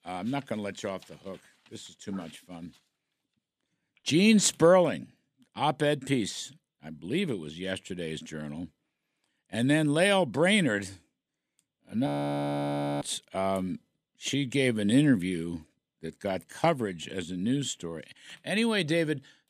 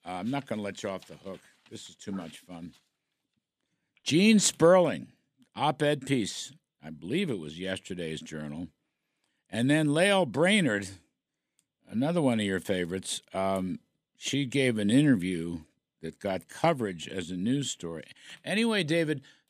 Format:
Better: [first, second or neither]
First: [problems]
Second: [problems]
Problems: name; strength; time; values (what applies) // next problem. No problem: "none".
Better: second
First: audio freezing; at 12 s for 1 s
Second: none